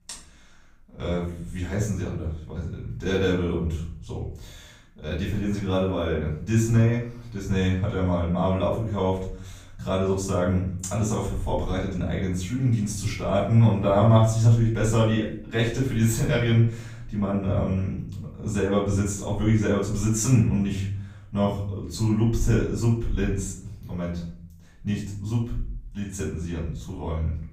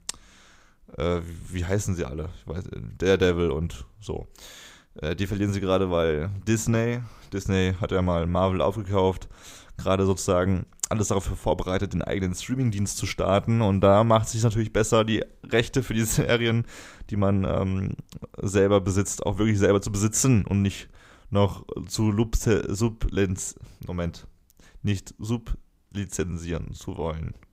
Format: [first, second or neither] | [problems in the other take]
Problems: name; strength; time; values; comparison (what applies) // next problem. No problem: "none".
second | off-mic speech; far // room echo; noticeable; dies away in 0.6 s